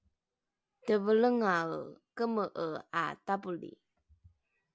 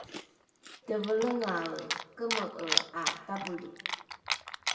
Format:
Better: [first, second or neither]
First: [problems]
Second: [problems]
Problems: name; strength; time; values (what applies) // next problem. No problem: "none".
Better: first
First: none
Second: background sound (Chewing, mastication); 1 dB below the speech // room echo; dies away in 1.2 s